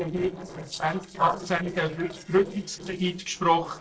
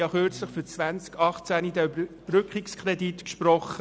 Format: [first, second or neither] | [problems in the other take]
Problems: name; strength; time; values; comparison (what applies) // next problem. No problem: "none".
second | noise reduction (neural separator model SepFormer DNS4)